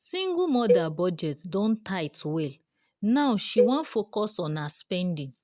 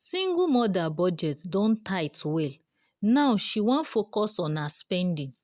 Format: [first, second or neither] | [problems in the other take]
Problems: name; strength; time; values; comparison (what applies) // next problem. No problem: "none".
second | background sound (Cowbell); 2 dB below the speech